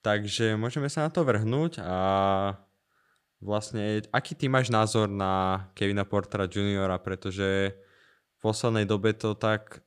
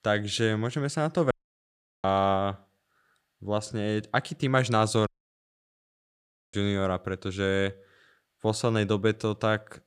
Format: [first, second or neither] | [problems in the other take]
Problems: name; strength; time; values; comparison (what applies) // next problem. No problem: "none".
first | audio cutting out; at 1.5 s for 0.5 s and at 5 s for 1.5 s